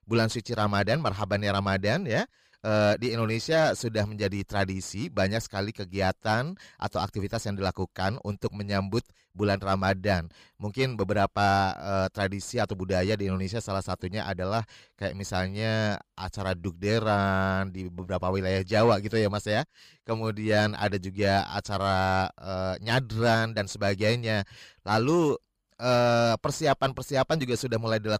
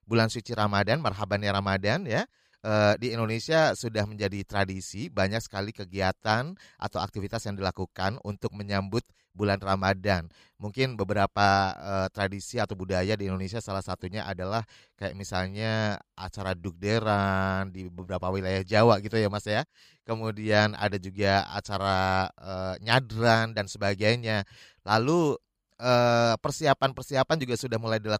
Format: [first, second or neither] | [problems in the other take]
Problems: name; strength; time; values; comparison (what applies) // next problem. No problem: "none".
second | distortion; slight; 10 dB below the speech